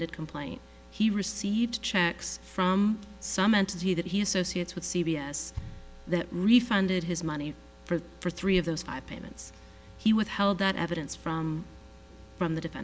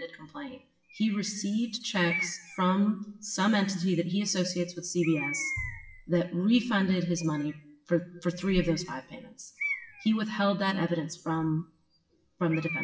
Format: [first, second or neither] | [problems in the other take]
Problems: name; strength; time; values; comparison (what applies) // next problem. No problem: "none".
first | noise reduction (classical method WPE with log-MMSE)